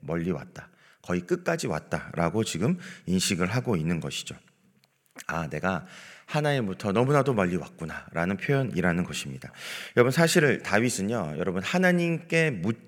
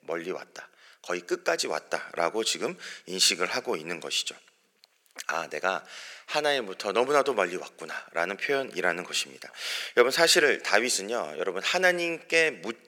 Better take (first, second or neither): first